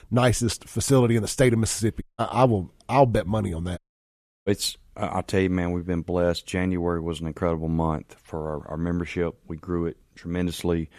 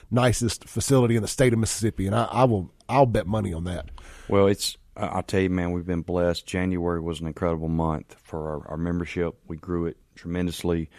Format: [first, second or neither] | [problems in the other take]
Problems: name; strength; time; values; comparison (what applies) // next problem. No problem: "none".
second | audio cutting out; at 2 s and at 4 s for 0.5 s